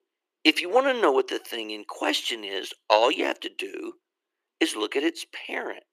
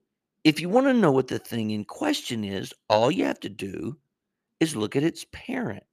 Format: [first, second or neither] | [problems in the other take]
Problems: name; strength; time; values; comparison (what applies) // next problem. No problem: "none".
second | thin; somewhat; fading below 350 Hz